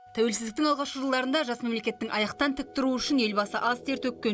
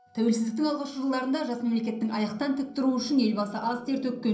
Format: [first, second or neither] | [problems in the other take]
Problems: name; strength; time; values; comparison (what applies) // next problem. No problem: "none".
first | room echo; dies away in 0.6 s